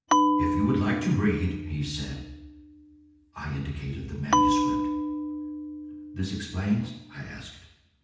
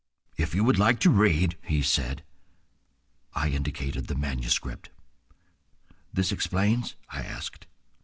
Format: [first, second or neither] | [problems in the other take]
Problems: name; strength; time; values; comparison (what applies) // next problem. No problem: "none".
second | background sound (Bell); 3 dB above the speech // room echo; dies away in 0.8 s